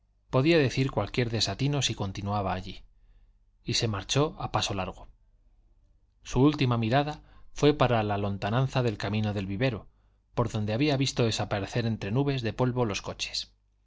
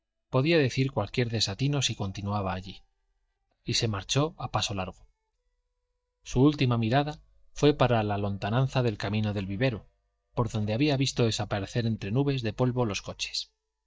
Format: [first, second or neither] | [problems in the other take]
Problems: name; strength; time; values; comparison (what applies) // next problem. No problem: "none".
first | noise reduction (neural mask model DeepFilterNet 3)